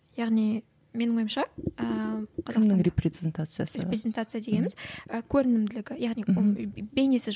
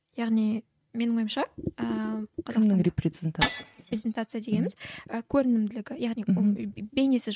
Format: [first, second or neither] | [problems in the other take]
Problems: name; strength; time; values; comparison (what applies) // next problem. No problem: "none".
first | noise reduction (neural mask model RNNoise)